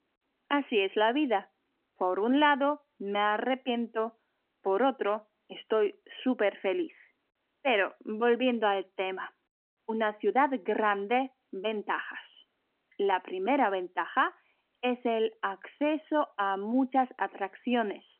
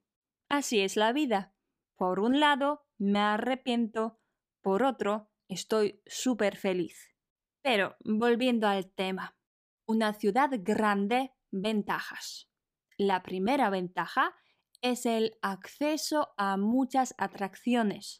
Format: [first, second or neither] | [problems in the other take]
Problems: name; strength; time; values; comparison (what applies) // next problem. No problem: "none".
second | phone-call audio; nothing above 3 kHz